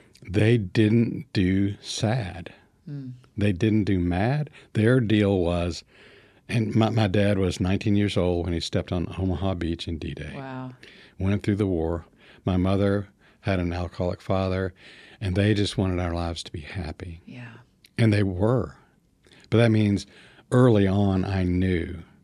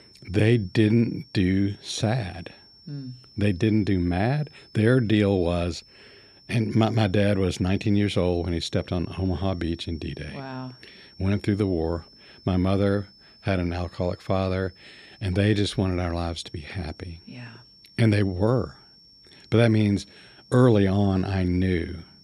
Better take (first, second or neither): first